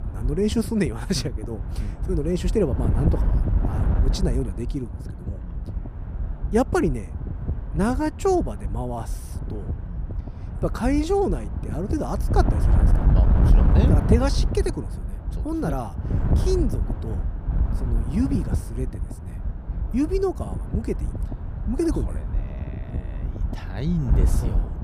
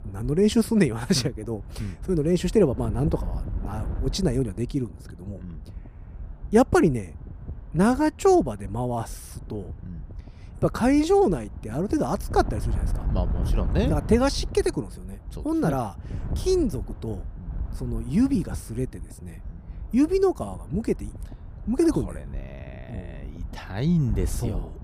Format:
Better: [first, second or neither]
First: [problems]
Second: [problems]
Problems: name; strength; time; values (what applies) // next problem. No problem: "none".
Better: second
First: wind noise on the microphone; heavy; 9 dB below the speech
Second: wind noise on the microphone; occasional gusts; 20 dB below the speech